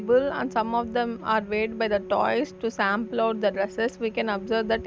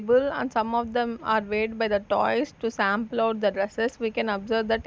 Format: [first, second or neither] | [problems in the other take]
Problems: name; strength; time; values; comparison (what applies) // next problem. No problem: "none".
second | background sound (Organ); 15 dB below the speech